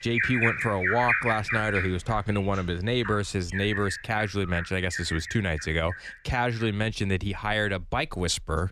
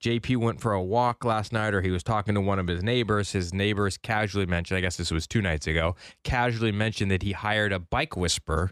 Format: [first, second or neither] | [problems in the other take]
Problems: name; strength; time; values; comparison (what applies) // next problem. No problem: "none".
second | animal sounds; loud; throughout; 3 dB below the speech